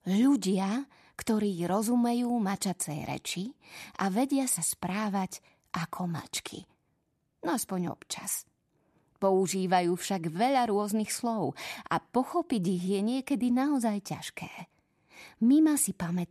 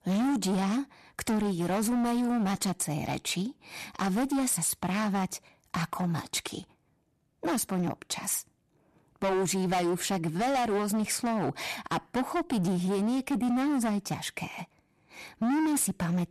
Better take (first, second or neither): first